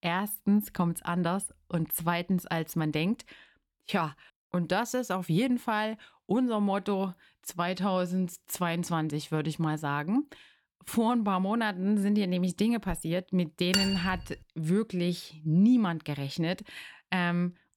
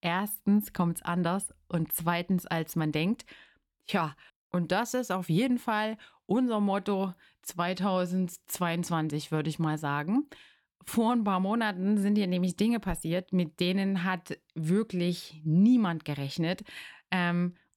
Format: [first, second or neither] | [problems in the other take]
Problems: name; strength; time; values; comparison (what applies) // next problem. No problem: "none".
second | clattering dishes; loud; at 14 s; peak 1 dB above the speech